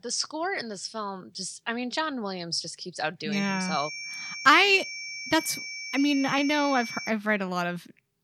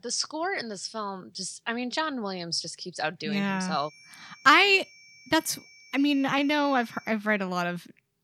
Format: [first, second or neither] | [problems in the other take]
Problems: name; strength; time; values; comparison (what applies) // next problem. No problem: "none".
second | high-pitched whine; loud; from 3.5 to 7 s; 2.5 kHz, 8 dB below the speech; faint in the second